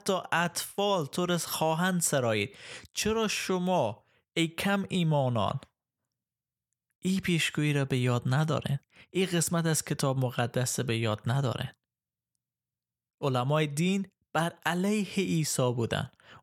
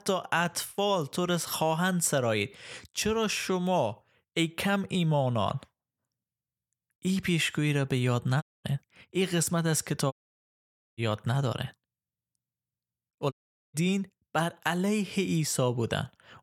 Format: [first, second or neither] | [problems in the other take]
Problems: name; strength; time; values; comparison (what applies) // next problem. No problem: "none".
first | audio cutting out; at 8.5 s, at 10 s for 1 s and at 13 s